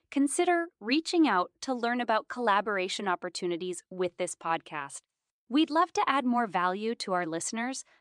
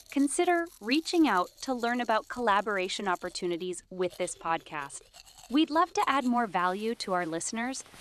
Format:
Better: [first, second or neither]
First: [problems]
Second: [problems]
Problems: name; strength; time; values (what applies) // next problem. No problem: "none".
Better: first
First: none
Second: household noises; faint; throughout; 25 dB below the speech